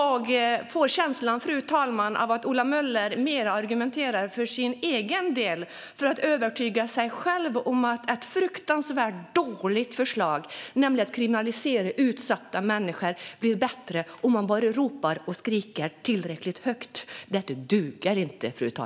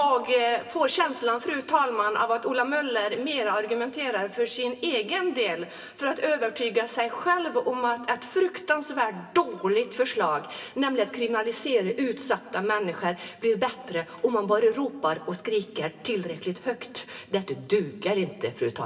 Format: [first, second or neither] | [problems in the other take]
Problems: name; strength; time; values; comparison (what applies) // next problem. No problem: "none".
first | room echo; dies away in 2.8 s